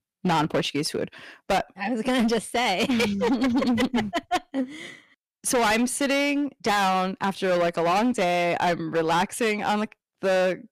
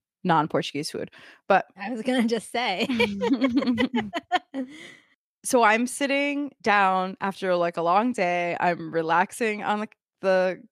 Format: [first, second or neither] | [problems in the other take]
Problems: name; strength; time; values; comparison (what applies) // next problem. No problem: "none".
second | distortion; heavy; 18% of the sound clipped